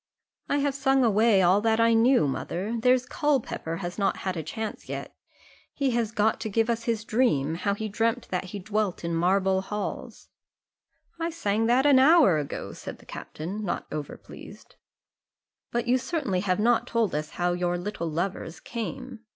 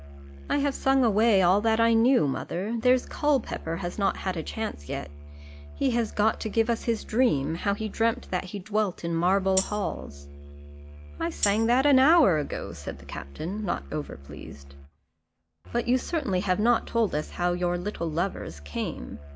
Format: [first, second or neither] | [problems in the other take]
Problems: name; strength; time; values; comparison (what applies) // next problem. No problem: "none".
first | background sound (Tambourine + Musical instrument); 14 dB below the speech